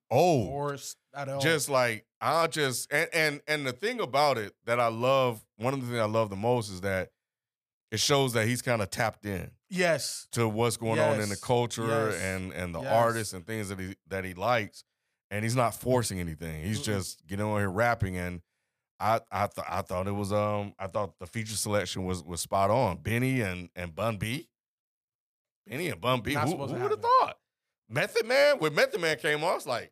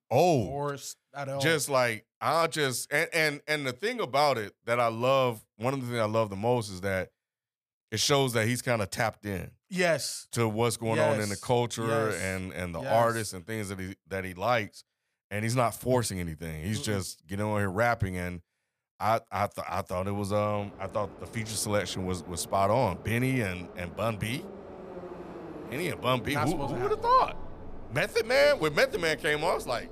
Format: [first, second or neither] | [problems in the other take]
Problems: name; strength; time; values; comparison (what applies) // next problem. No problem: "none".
first | train or aircraft noise; noticeable; from 20 s on; 15 dB below the speech